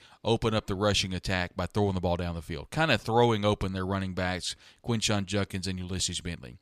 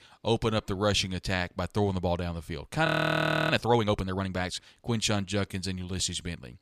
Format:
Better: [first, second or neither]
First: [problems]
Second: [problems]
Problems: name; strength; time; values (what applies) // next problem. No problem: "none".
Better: first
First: none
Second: audio freezing; at 3 s for 0.5 s